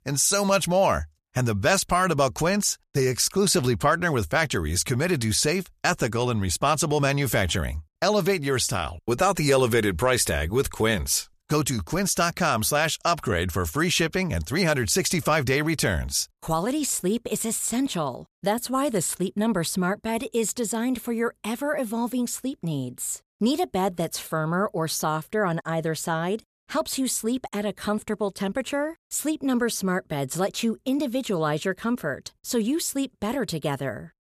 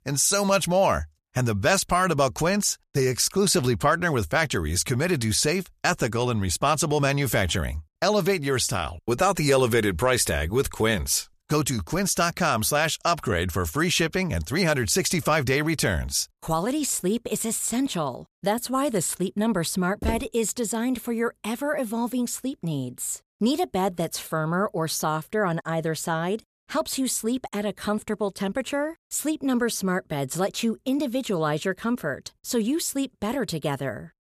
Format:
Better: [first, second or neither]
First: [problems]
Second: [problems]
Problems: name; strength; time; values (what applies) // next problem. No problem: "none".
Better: first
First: none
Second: footsteps; noticeable; at 20 s; peak 7 dB below the speech